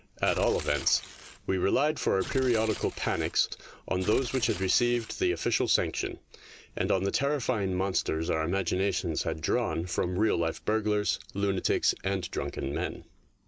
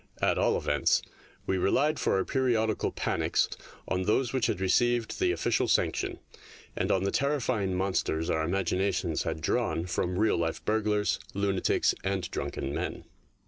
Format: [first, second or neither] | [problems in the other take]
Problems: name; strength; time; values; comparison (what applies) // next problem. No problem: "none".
second | background sound (Tearing); 13 dB below the speech